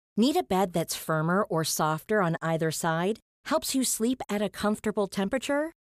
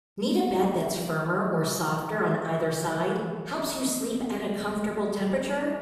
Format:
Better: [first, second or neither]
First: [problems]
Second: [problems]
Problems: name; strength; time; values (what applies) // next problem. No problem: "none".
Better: first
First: none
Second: off-mic speech; far // room echo; noticeable; dies away in 1.6 s